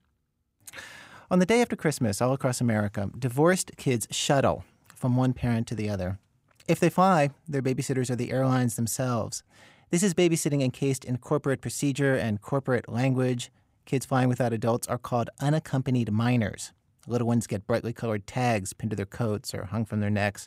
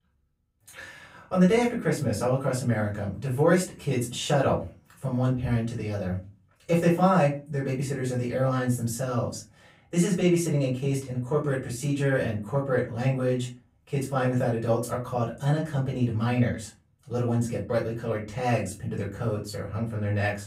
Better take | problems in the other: first | room echo; slight; dies away in 0.3 s // off-mic speech; far

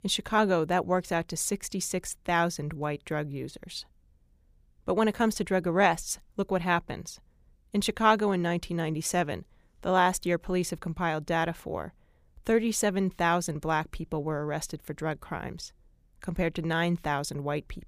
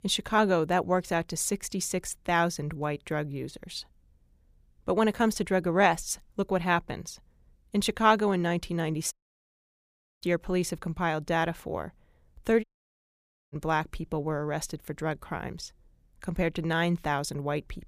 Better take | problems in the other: first | audio cutting out; at 9 s for 1 s and at 13 s for 1 s

